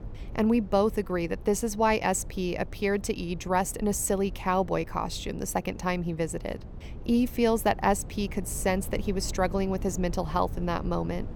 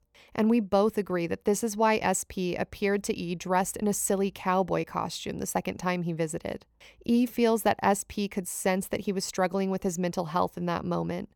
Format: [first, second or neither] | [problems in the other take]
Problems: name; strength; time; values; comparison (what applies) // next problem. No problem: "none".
second | low rumble; faint; throughout; 20 dB below the speech